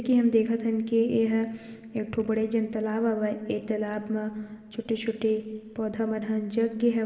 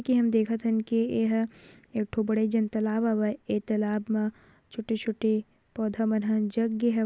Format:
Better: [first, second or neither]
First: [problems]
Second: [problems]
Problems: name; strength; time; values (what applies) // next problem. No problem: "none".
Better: second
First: room echo; dies away in 3 s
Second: none